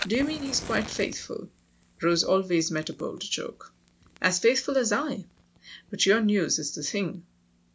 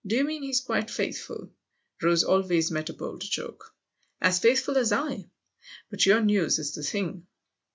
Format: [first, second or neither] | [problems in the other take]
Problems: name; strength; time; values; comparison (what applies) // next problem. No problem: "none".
second | background sound (Fire); 17 dB below the speech